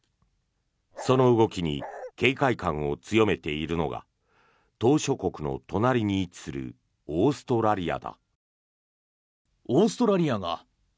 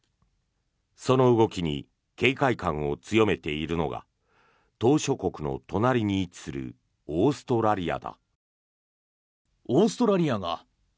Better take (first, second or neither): second